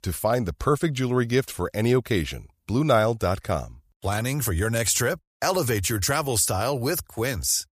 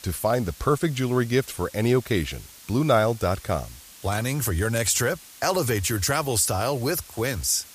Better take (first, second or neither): first